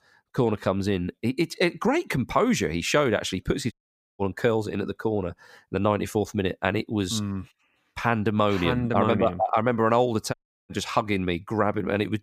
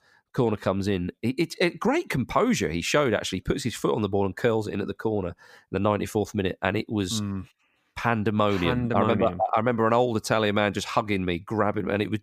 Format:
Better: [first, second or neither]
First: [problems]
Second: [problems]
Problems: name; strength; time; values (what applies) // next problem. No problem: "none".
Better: second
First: audio cutting out; at 3.5 s and at 10 s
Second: none